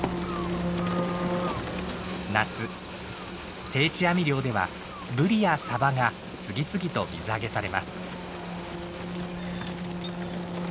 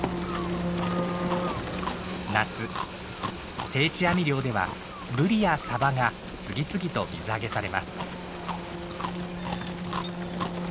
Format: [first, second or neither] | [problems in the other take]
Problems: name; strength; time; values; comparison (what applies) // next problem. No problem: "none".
first | background sound (Chewing, mastication); 11 dB below the speech